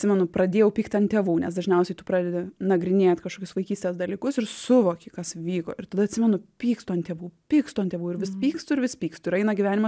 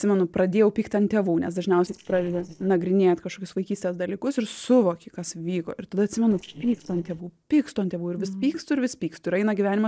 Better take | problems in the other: first | noise reduction (neural separator model SepFormer DNS4)

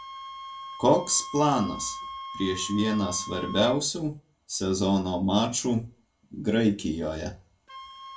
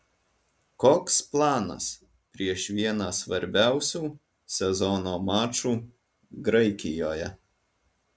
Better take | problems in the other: second | background sound (Wind instrument, woodwind instrument); 14 dB below the speech // room echo; dies away in 0.2 s

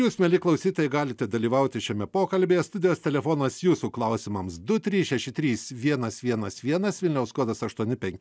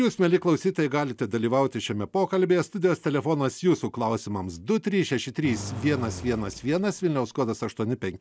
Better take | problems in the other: first | background sound (Engine); 13 dB below the speech

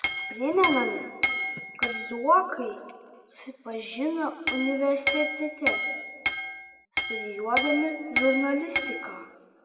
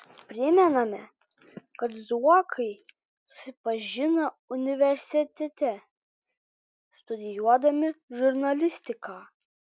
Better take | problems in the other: second | background sound (Chink, clink); 2 dB below the speech // room echo; dies away in 1.7 s

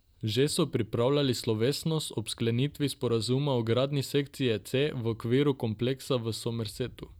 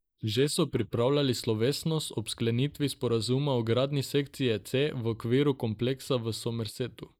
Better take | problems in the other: first | noise reduction (neural mask model Resemble Enhance denoiser)

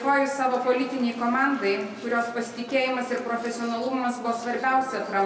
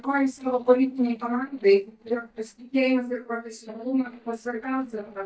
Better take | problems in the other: first | noise reduction (neural mask model DeepFilterNet 3)

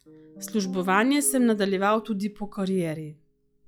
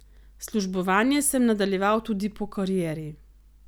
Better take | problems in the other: second | noise reduction (classical method log-MMSE)

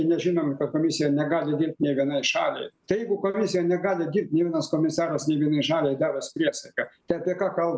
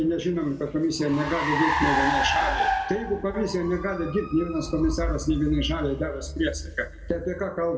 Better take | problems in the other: first | background sound (Car); 3 dB below the speech // room echo; dies away in 1.1 s

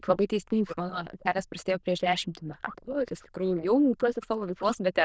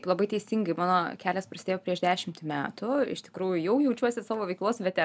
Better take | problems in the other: second | noise reduction (neural diffusion model UNIVERSE++)

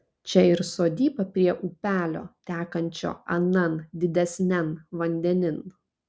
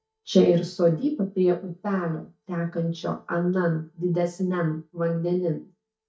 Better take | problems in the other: first | noise reduction (neural mask model DeepFilterNet 3)

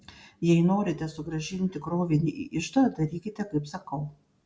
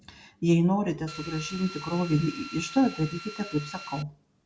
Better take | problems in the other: first | background sound (Drill); 13 dB below the speech

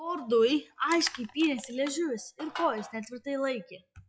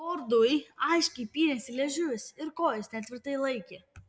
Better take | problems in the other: second | noise reduction (classical method log-MMSE)

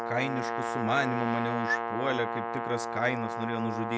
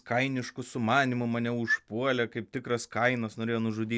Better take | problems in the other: second | background sound (Brass instrument); 1 dB below the speech

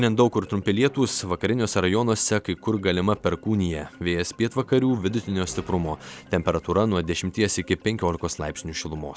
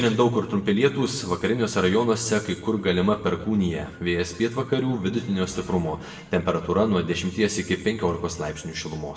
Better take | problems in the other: first | room echo; dies away in 0.9 s

